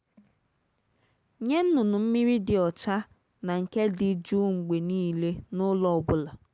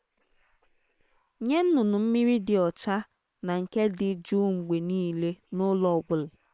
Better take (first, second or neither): first